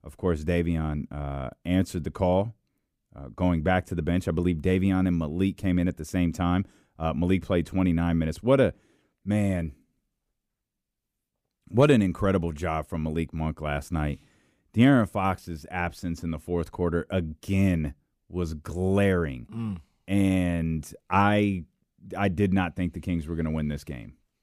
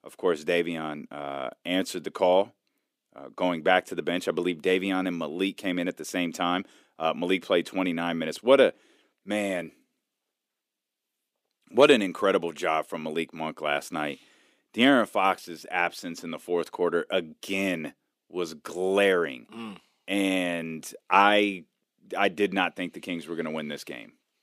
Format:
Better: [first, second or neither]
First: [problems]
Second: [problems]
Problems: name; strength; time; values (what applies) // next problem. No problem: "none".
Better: first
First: none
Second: thin; somewhat; fading below 300 Hz